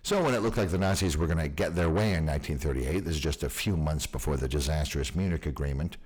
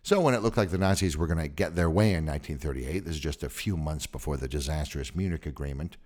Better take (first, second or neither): second